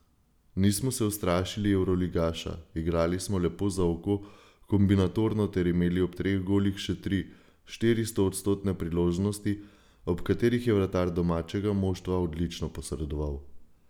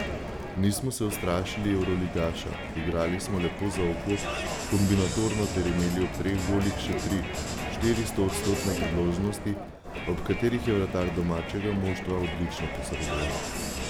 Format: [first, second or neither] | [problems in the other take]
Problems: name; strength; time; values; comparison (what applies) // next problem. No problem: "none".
first | background sound (Crowd); 5 dB below the speech